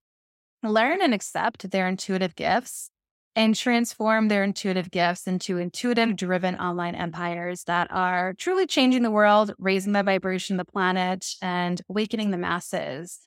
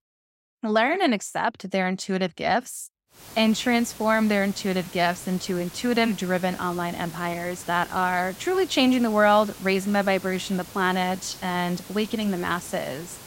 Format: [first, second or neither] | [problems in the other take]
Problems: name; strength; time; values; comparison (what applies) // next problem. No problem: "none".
first | hiss; noticeable; from 3 s on; 15 dB below the speech